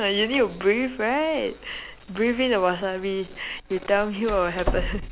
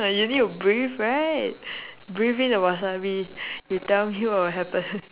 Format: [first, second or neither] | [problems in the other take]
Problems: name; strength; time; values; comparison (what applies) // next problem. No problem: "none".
second | background sound (Door); 10 dB below the speech